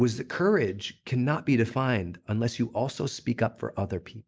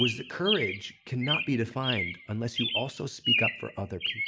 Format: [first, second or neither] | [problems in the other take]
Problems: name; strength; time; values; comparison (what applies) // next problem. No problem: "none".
first | background sound (Chirp, tweet); as loud as the speech